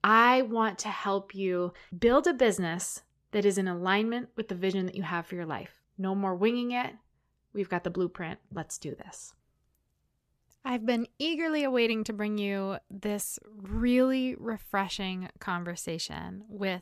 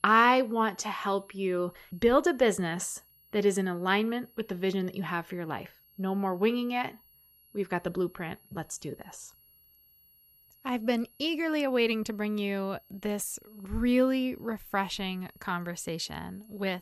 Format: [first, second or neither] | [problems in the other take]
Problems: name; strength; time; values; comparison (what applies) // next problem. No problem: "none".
first | high-pitched whine; faint; throughout; 11.5 kHz, 30 dB below the speech